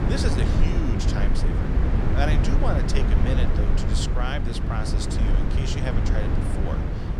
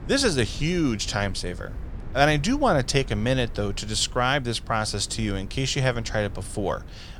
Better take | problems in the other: second | low rumble; loud; throughout; as loud as the speech; faint in the second

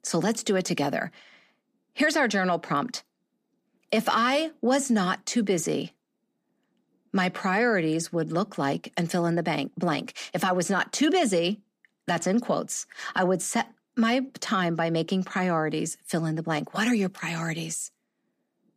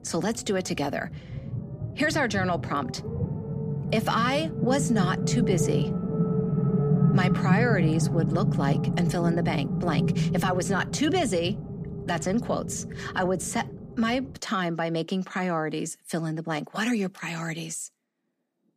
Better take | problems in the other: first | low rumble; loud; until 14 s; 6 dB below the speech

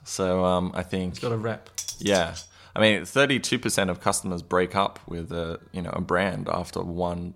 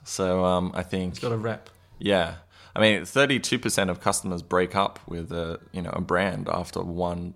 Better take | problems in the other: second | clattering dishes; noticeable; at 2 s; peak 7 dB below the speech

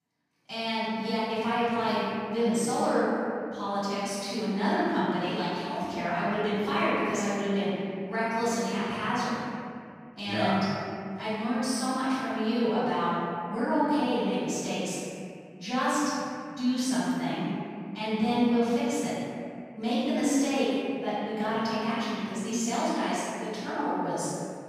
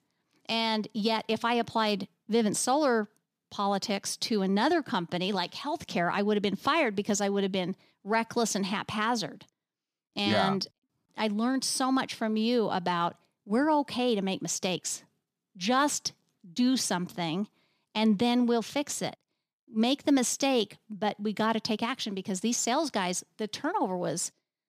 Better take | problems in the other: second | off-mic speech; far // room echo; strong; dies away in 2.3 s

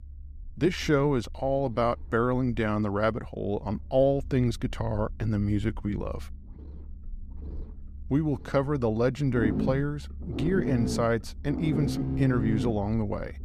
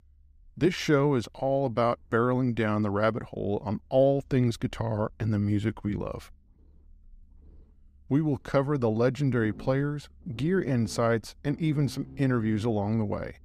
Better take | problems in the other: second | low rumble; loud; throughout; 8 dB below the speech; faint in the second

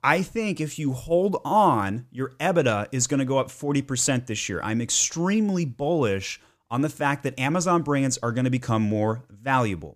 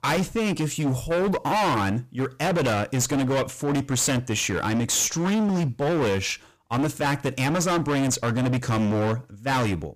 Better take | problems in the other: first | distortion; heavy; 30% of the sound clipped

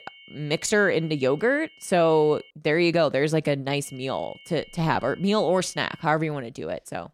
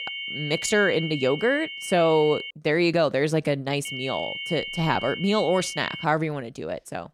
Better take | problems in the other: first | high-pitched whine; loud; until 2.5 s and from 4 to 6 s; 2 kHz, 8 dB below the speech; faint in the first

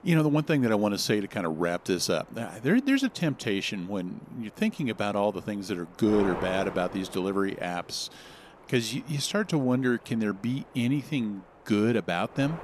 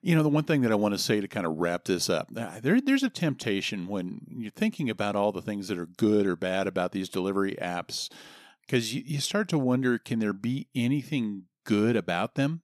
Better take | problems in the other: second | wind noise on the microphone; occasional gusts; 15 dB below the speech

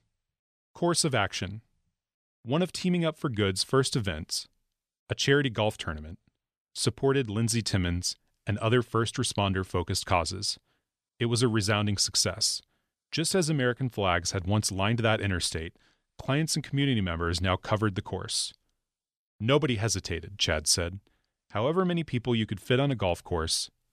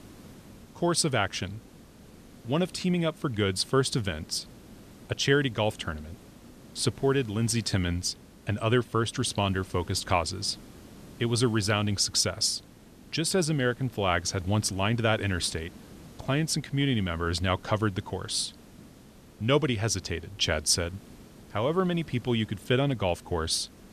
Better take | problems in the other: first | hiss; faint; throughout; 20 dB below the speech

